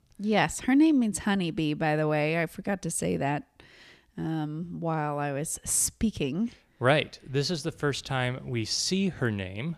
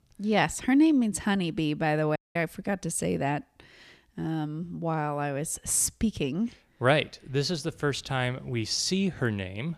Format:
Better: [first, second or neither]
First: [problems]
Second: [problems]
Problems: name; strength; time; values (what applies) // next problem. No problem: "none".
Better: first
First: none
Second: audio cutting out; at 2 s